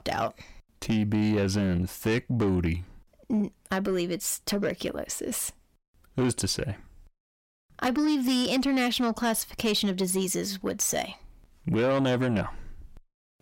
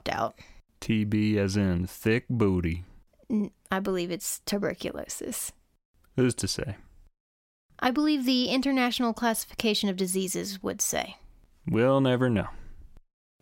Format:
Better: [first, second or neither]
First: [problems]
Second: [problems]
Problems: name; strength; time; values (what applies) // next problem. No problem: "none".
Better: second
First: distortion; slight; 10 dB below the speech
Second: none